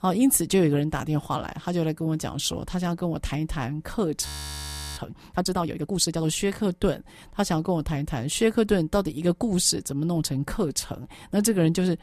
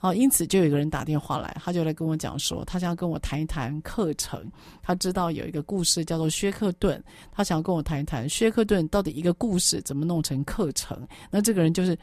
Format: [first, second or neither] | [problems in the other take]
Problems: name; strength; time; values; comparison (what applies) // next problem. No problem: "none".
second | audio freezing; at 4.5 s for 0.5 s